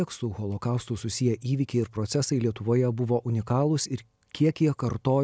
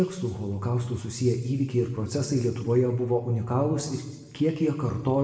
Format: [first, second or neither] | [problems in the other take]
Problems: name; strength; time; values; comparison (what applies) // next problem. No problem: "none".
first | room echo; dies away in 1.2 s